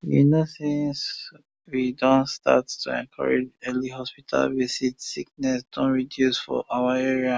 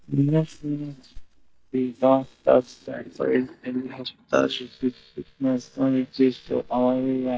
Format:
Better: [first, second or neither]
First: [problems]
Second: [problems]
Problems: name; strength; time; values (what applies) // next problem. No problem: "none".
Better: first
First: none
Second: noise reduction (neural mask model DeepFilterNet 3)